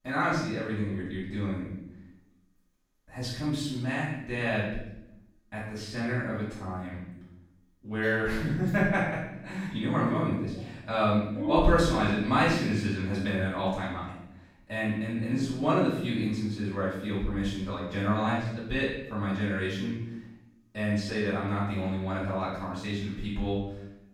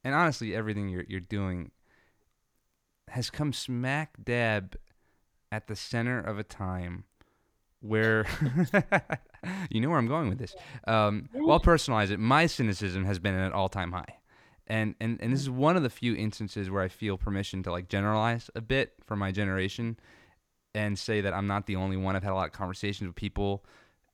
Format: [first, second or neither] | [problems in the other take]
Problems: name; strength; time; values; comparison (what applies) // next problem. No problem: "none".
second | off-mic speech; far // room echo; noticeable; dies away in 0.7 s